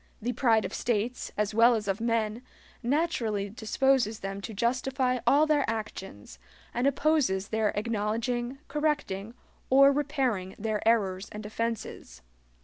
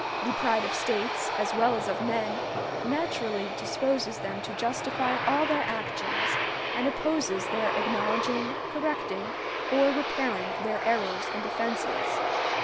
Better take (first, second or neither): first